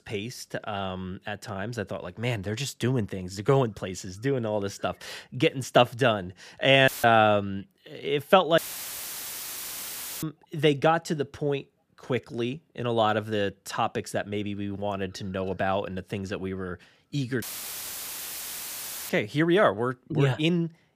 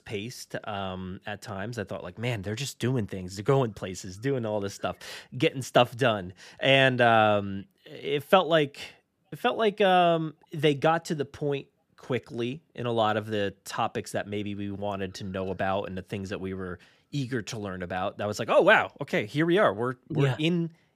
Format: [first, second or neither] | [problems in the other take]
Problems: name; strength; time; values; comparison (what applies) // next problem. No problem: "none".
second | audio cutting out; filled with static; at 7 s, at 8.5 s for 1.5 s and at 17 s for 1.5 s